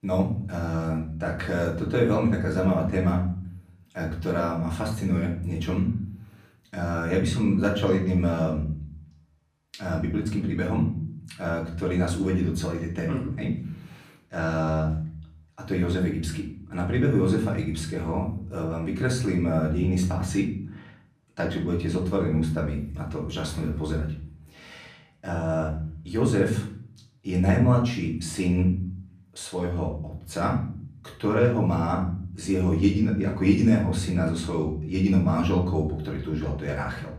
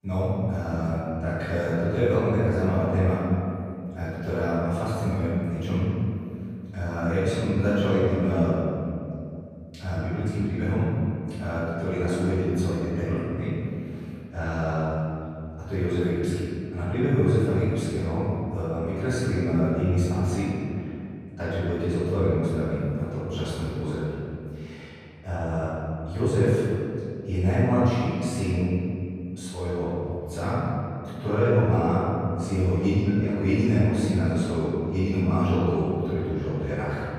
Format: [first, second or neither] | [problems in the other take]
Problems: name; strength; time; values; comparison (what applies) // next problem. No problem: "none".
first | room echo; strong; dies away in 2.6 s; slight in the first // off-mic speech; far; far in the first